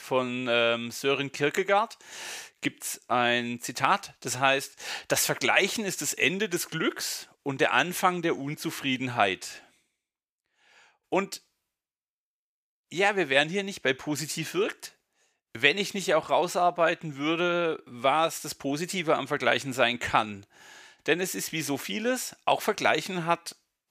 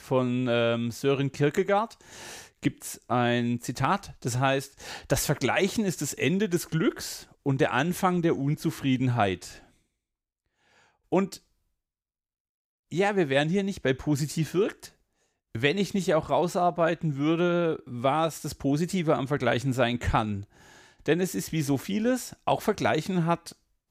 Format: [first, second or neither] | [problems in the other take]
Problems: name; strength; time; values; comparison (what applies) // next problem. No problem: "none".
second | thin; somewhat; fading below 650 Hz